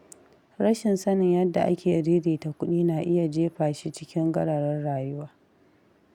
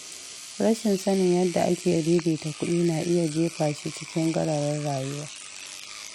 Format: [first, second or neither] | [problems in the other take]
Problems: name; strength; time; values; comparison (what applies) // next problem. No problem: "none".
first | background sound (Engine / Domestic sounds, home sounds); 14 dB below the speech